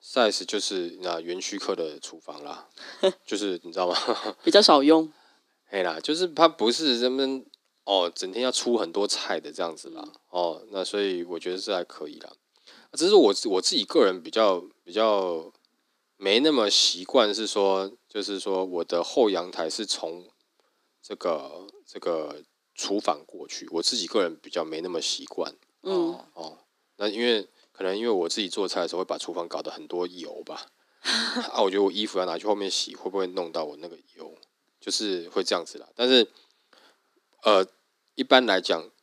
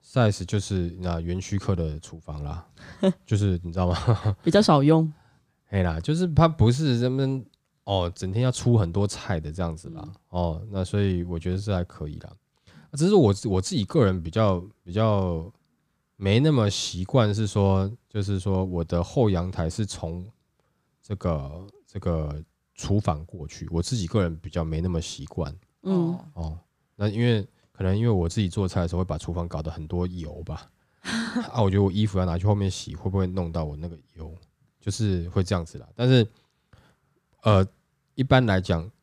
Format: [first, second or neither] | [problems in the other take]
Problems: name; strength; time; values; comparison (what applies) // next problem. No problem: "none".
second | thin; somewhat; fading below 250 Hz